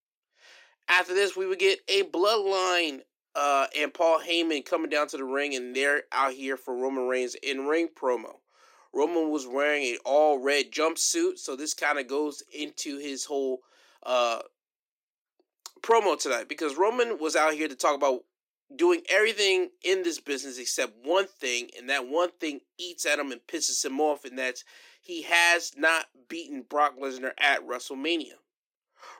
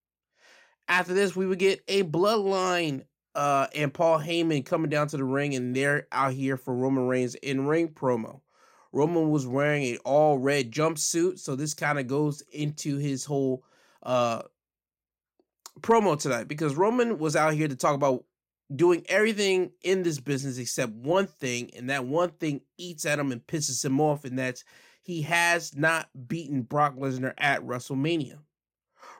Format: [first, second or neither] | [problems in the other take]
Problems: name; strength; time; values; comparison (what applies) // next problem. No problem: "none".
second | thin; somewhat; fading below 300 Hz